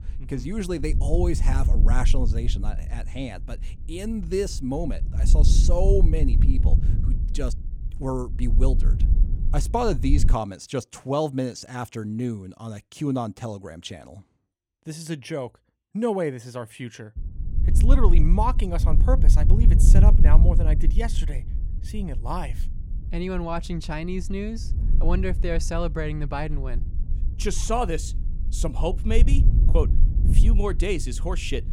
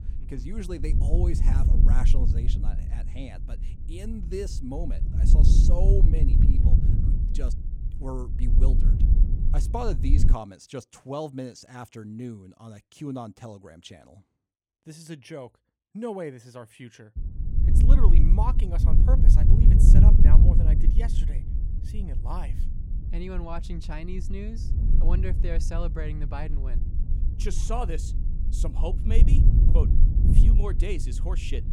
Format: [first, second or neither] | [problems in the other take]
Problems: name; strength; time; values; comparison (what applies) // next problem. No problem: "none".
first | wind noise on the microphone; heavy; until 10 s and from 17 s on; 2 dB below the speech; occasional gusts in the first